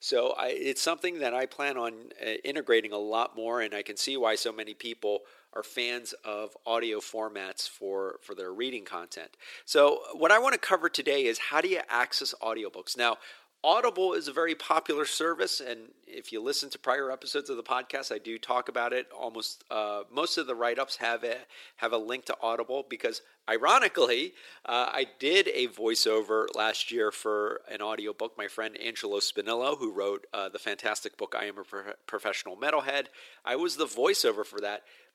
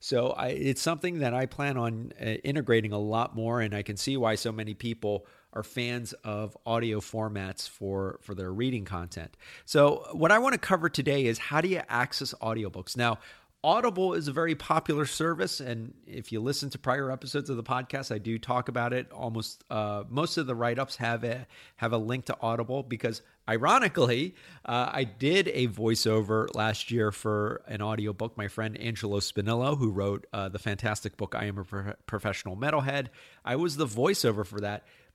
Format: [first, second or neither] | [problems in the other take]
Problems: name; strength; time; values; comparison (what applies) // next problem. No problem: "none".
second | thin; very; fading below 350 Hz